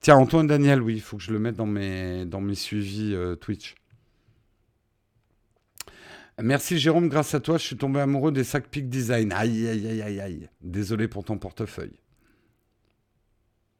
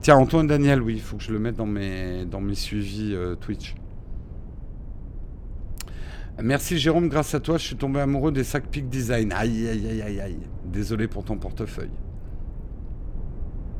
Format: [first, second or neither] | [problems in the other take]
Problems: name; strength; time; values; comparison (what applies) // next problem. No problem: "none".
first | low rumble; faint; throughout; 25 dB below the speech